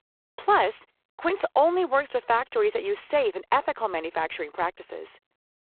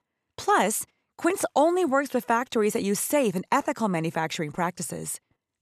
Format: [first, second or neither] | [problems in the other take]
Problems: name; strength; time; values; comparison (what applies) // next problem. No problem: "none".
second | phone-call audio; poor line; nothing above 4 kHz